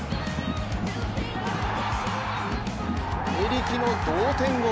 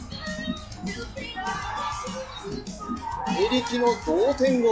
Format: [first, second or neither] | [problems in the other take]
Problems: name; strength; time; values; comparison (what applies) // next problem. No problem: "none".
first | noise reduction (classical method log-MMSE)